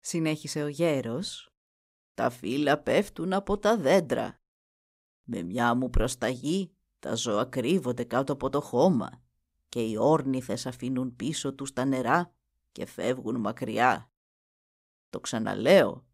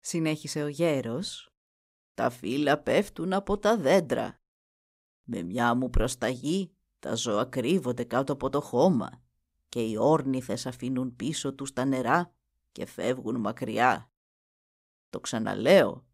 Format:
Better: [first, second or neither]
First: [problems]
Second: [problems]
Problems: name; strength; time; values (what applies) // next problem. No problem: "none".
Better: neither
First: none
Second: none